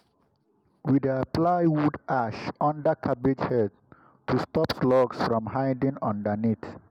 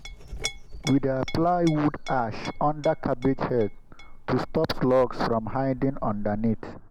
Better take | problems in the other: first | background sound (Chink, clink); 10 dB below the speech

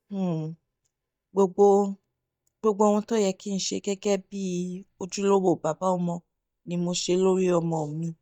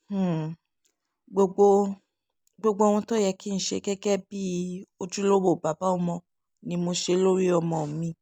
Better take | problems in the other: second | noise reduction (neural mask model DeepFilterNet 3)

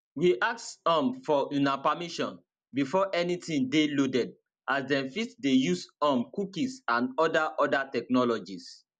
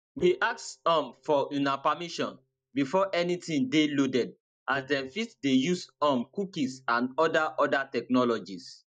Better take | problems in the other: first | noise reduction (neural mask model DeepFilterNet 3)

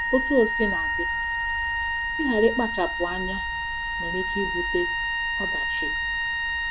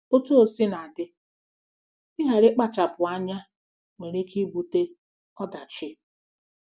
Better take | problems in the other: second | background sound (Wind instrument, woodwind instrument); 2 dB above the speech

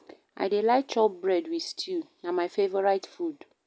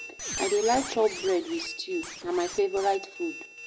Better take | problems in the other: first | background sound (Squeak); 10 dB below the speech // room echo; dies away in 0.4 s

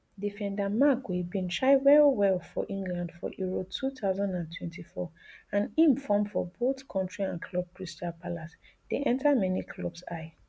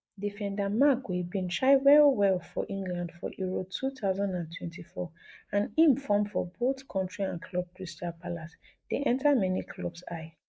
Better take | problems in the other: first | noise reduction (neural mask model Resemble Enhance denoiser)

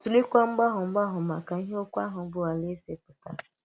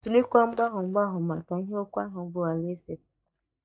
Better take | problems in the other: first | noise reduction (neural mask model DeepFilterNet 3)

